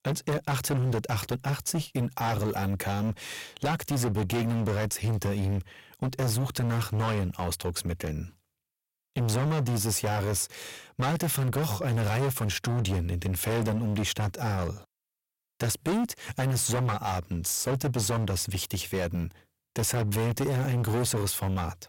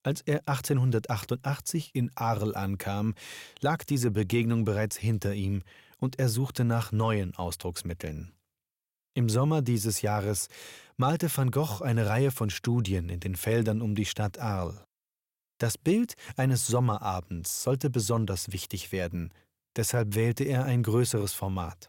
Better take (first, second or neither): second